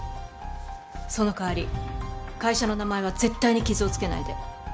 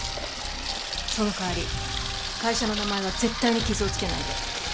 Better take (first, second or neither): first